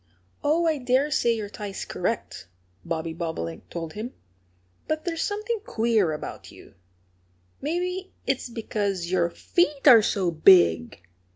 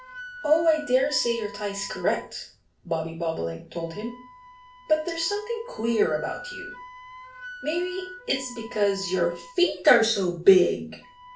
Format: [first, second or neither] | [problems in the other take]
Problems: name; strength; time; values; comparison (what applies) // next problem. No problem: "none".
first | background sound (Wind instrument, woodwind instrument); 18 dB below the speech // room echo; dies away in 0.3 s